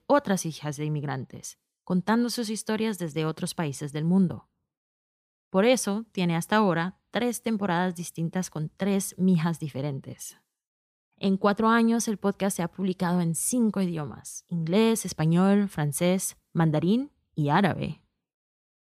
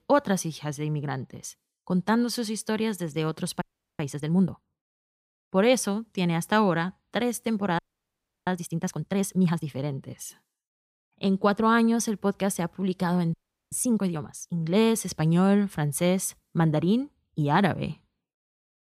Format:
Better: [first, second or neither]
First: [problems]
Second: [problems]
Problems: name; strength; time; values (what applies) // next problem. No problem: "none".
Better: first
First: none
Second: audio freezing; at 3.5 s, at 8 s for 0.5 s and at 13 s